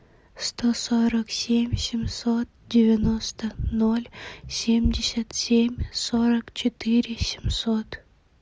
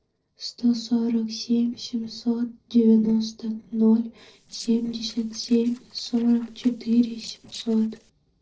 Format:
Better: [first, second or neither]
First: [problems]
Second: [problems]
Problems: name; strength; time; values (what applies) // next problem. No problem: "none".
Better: first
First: none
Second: noise reduction (neural separator model SepFormer DNS4)